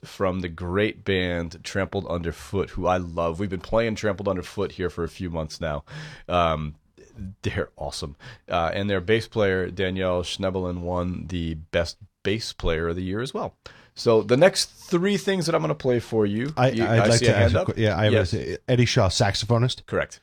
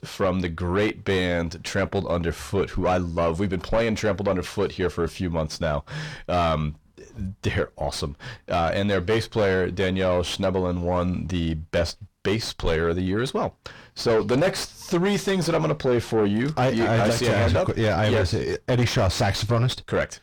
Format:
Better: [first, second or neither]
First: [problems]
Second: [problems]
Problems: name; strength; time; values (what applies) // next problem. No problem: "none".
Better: first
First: none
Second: distortion; heavy; 6 dB below the speech